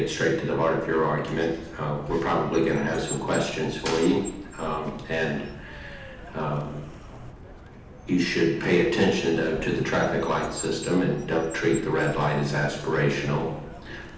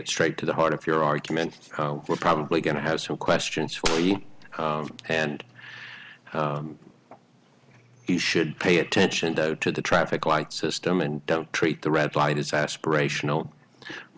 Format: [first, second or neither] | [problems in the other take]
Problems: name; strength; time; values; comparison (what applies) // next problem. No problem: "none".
second | background sound (Car); 15 dB below the speech // room echo; dies away in 0.8 s